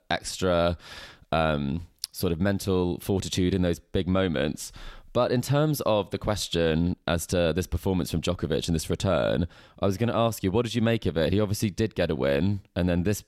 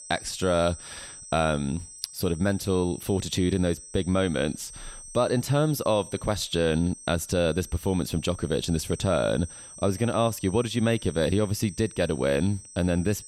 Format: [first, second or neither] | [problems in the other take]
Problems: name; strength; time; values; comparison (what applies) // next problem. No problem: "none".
first | high-pitched whine; noticeable; throughout; 8.5 kHz, 15 dB below the speech